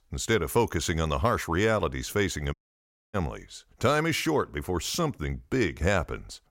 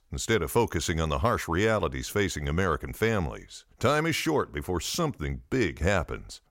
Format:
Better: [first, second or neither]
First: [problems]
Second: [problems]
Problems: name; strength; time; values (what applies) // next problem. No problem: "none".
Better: second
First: audio cutting out; at 2.5 s for 0.5 s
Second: none